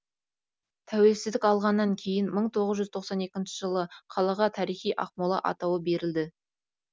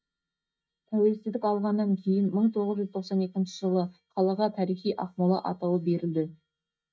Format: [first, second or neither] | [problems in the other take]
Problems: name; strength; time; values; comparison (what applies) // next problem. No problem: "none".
first | noise reduction (neural mask model DeepFilterNet 3)